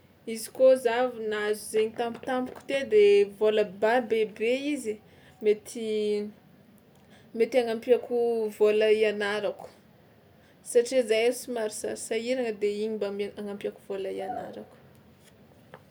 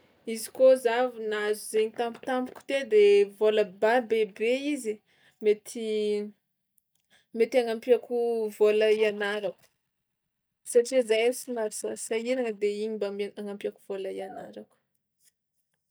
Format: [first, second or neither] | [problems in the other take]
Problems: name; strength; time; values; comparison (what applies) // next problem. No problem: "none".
first | noise reduction (neural mask model DeepFilterNet 3)